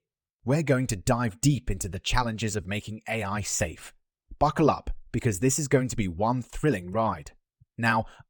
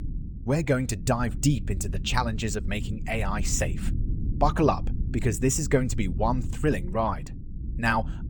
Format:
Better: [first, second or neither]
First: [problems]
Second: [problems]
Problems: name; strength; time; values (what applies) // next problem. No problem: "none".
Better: first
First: none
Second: low rumble; noticeable; throughout; 20 dB below the speech